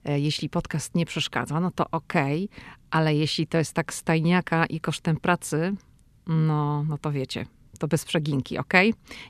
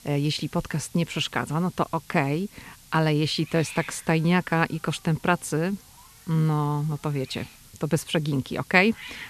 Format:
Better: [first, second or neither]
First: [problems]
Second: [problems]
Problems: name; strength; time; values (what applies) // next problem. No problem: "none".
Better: first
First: none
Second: hiss; faint; throughout; 20 dB below the speech